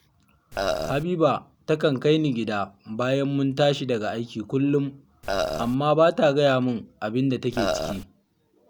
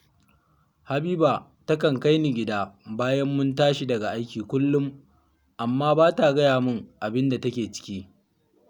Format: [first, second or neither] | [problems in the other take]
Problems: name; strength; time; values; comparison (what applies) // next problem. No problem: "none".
second | background sound (Burping, eructation); 3 dB below the speech